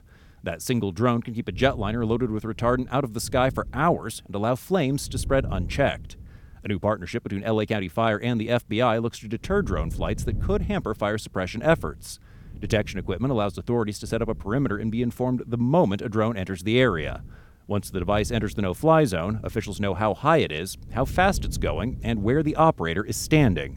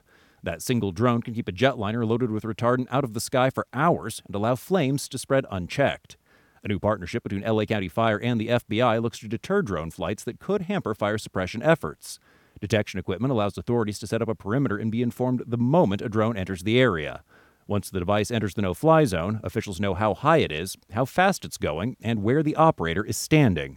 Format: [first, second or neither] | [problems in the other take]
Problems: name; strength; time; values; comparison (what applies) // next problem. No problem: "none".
second | wind noise on the microphone; occasional gusts; 25 dB below the speech